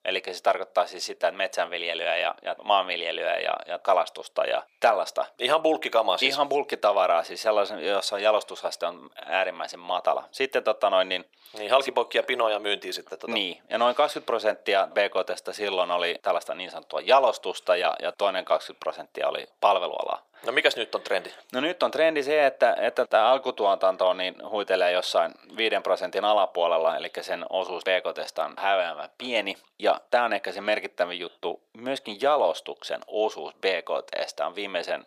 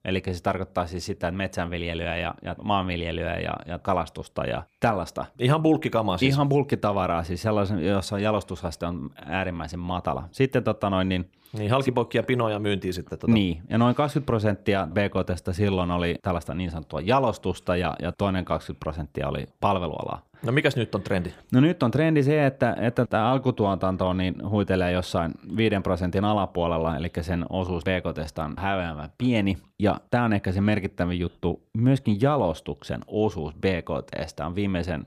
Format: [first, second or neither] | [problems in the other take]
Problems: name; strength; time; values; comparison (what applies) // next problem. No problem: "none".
second | thin; very; fading below 500 Hz